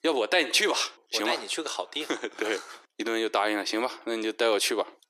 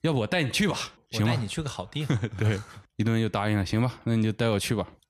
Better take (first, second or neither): second